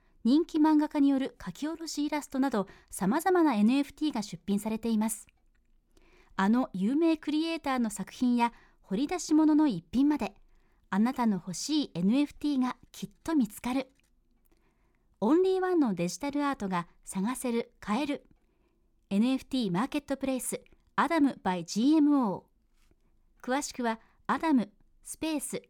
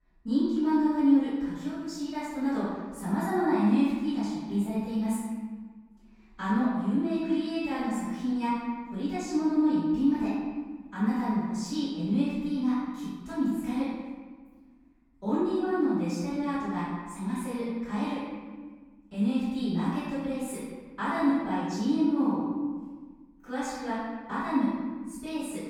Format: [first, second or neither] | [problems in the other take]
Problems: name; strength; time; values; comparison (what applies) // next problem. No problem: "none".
first | off-mic speech; far // room echo; strong; dies away in 1.4 s